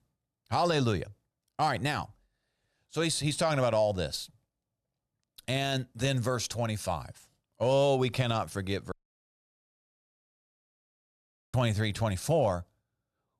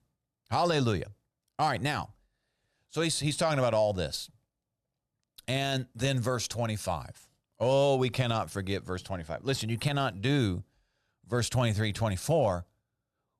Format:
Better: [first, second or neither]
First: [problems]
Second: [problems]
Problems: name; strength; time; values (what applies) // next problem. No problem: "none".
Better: second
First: audio cutting out; at 9 s for 2.5 s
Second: none